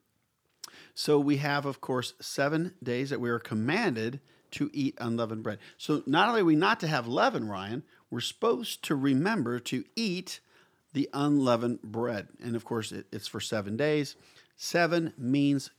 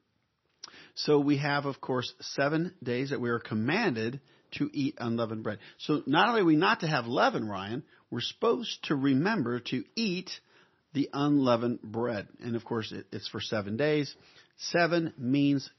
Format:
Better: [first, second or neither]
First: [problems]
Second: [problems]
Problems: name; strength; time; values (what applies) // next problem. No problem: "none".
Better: first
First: none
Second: garbled, watery; slightly; nothing above 6 kHz